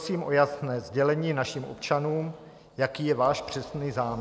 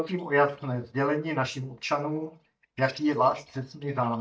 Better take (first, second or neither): first